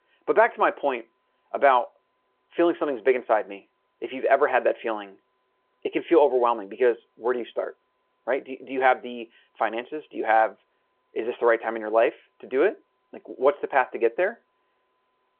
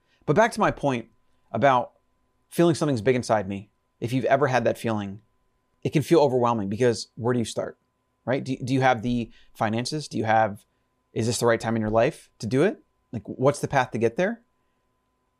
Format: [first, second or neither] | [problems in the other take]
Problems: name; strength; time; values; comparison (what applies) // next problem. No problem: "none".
second | phone-call audio